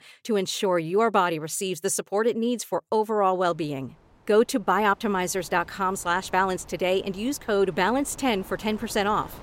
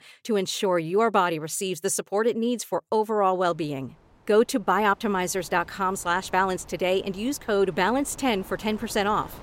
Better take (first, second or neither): neither